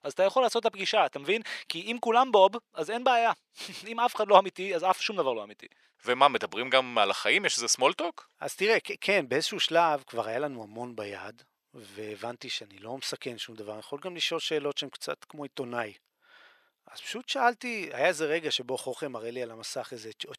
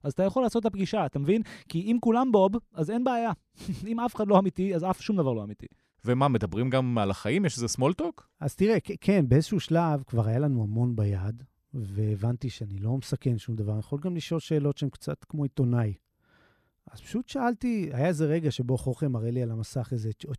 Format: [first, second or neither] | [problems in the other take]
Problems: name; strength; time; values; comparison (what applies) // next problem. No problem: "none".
second | thin; very; fading below 600 Hz